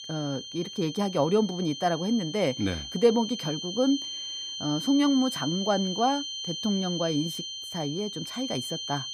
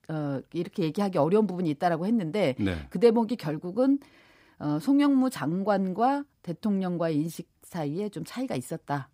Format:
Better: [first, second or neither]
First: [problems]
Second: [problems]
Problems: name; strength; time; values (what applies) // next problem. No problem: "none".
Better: second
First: high-pitched whine; loud; throughout; 3 kHz, 6 dB below the speech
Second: none